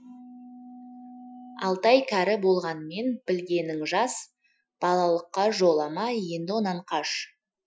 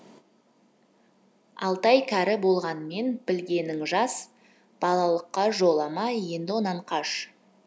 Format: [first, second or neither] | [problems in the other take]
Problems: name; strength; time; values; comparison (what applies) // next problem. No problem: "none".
second | noise reduction (classical method Wiener filter)